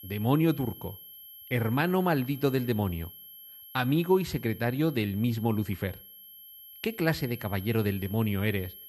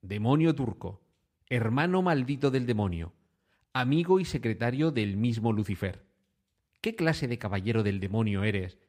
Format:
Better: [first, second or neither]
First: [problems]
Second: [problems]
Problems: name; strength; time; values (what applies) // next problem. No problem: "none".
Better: second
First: high-pitched whine; noticeable; throughout; 11.5 kHz, 15 dB below the speech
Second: none